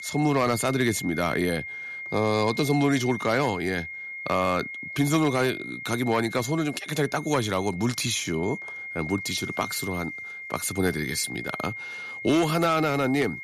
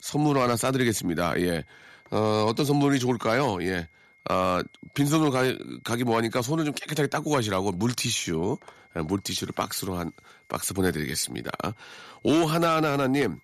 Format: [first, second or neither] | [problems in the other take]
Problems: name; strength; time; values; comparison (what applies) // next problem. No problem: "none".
second | high-pitched whine; loud; throughout; 2 kHz, 9 dB below the speech; faint in the second